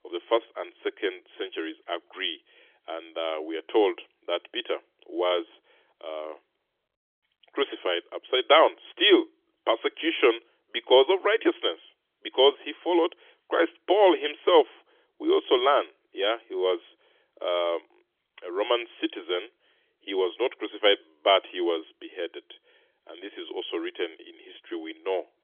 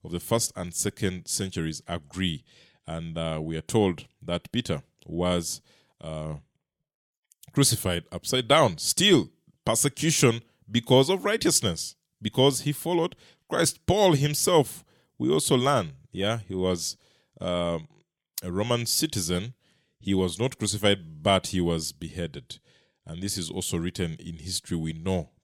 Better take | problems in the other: second | phone-call audio; nothing above 3.5 kHz

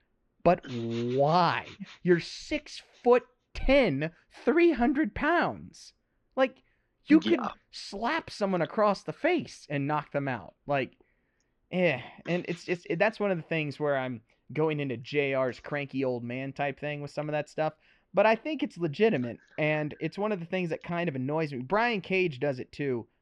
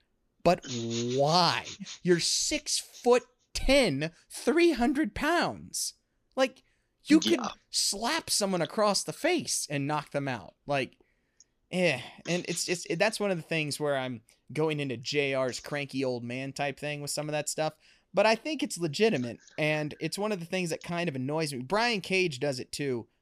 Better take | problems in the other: second | muffled; very; fading above 2 kHz

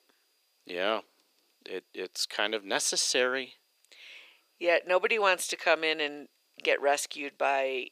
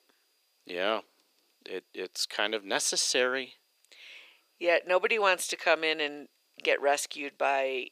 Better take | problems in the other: neither | thin; very; fading below 400 Hz; the same in both

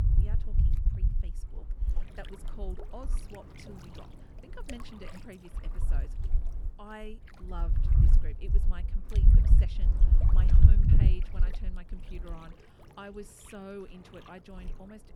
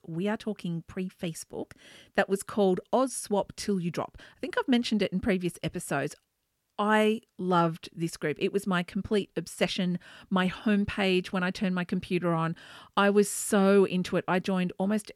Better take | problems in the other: second | wind noise on the microphone; heavy; 1 dB above the speech

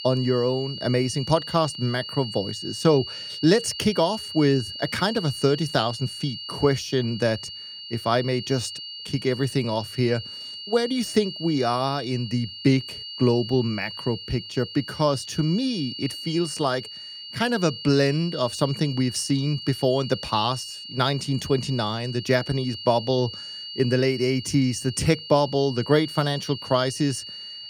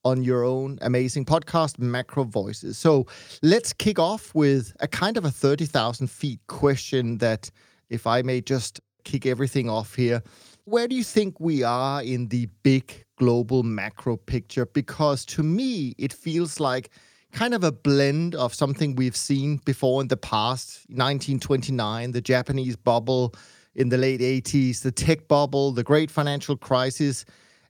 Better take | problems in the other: second | high-pitched whine; loud; throughout; 3 kHz, 10 dB below the speech

